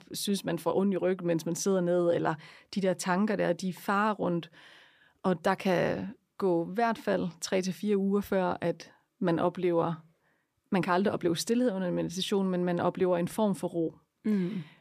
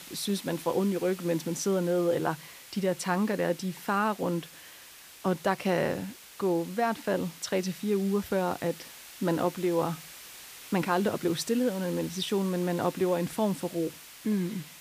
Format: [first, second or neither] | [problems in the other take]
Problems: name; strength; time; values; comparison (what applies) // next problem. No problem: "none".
first | hiss; noticeable; throughout; 15 dB below the speech